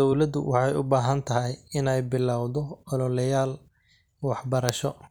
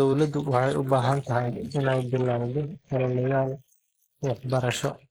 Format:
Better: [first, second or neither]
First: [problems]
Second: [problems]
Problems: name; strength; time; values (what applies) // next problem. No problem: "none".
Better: first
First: none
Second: noise reduction (neural mask model Resemble Enhance denoiser)